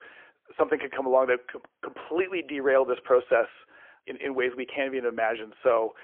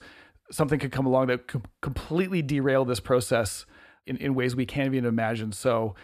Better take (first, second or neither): second